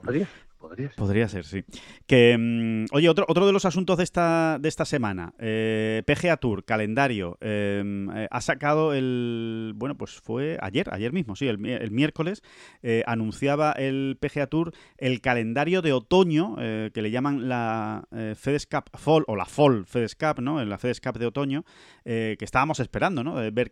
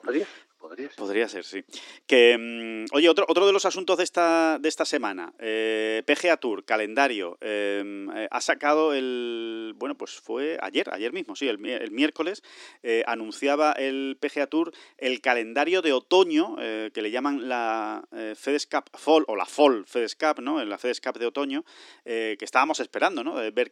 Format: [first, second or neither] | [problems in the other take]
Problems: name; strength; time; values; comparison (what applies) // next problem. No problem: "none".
first | thin; somewhat; fading below 300 Hz